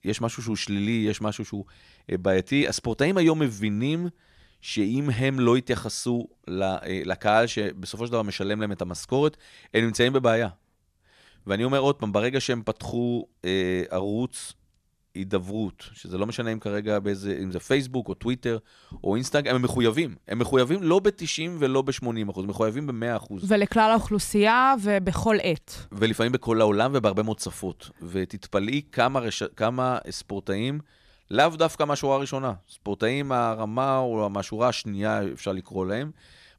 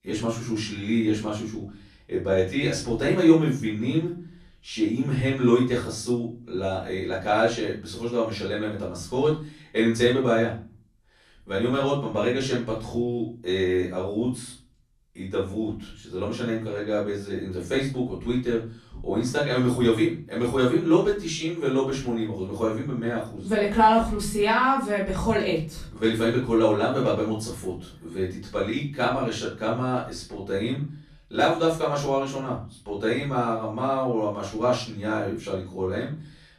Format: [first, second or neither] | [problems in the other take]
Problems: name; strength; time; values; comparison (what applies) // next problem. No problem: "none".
first | off-mic speech; far // room echo; slight; dies away in 0.3 s